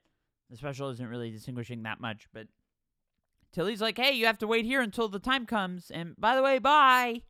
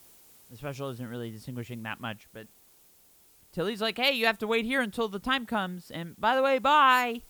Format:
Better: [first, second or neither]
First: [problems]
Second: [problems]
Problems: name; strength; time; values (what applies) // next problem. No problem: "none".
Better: first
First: none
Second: hiss; faint; throughout; 30 dB below the speech